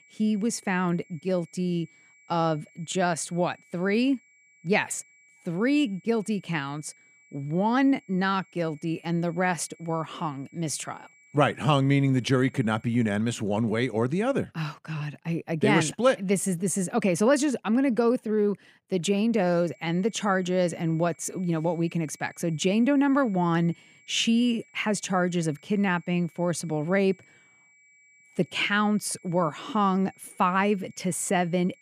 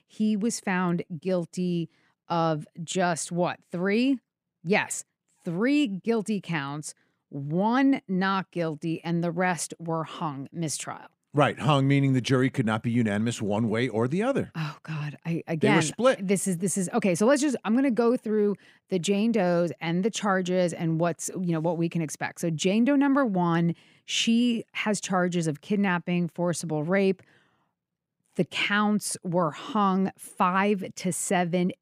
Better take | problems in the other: second | high-pitched whine; faint; until 13 s and from 19 s on; 2.5 kHz, 30 dB below the speech

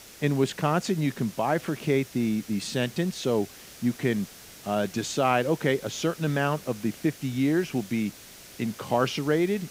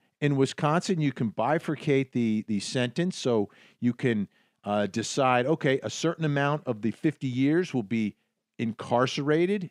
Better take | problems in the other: second | hiss; noticeable; throughout; 15 dB below the speech

